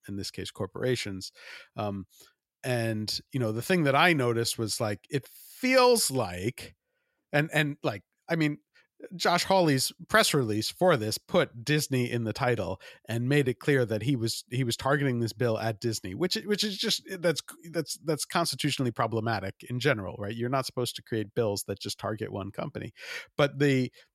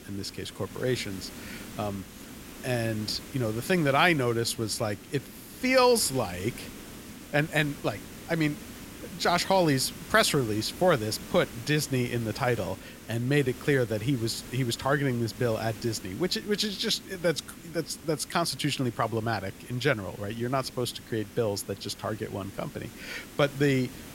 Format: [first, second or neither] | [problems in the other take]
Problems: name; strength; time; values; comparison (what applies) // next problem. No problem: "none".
first | hiss; noticeable; throughout; 15 dB below the speech